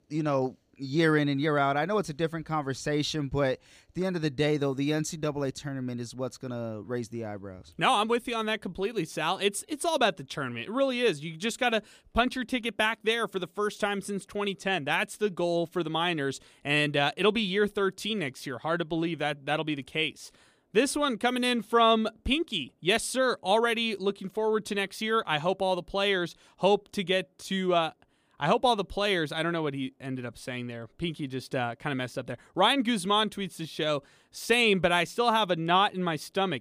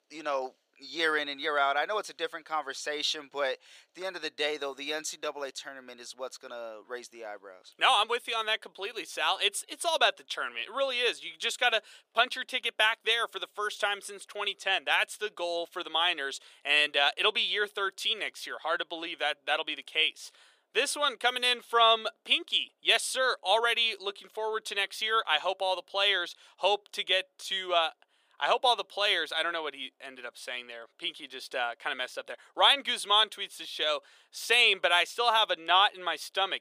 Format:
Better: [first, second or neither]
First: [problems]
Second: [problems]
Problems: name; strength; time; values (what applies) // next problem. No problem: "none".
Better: first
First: none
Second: thin; very; fading below 550 Hz